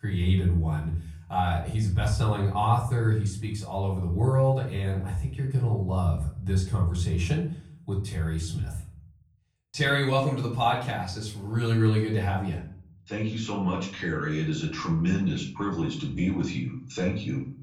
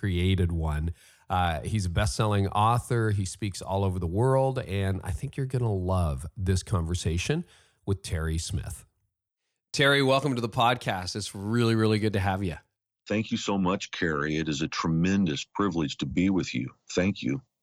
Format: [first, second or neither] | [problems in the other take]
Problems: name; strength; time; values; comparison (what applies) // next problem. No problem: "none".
second | off-mic speech; far // room echo; slight; dies away in 0.5 s